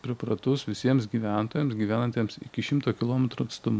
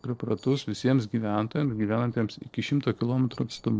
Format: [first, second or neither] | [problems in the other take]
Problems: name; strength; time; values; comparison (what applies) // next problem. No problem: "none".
first | noise reduction (neural separator model SepFormer DNS4)